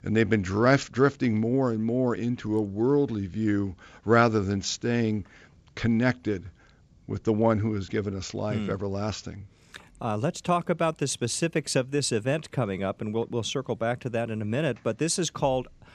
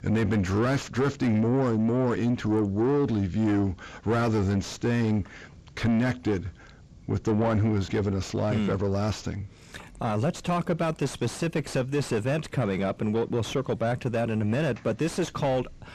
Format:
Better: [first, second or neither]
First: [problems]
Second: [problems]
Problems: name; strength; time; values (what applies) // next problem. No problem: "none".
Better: first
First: none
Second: distortion; heavy; 5 dB below the speech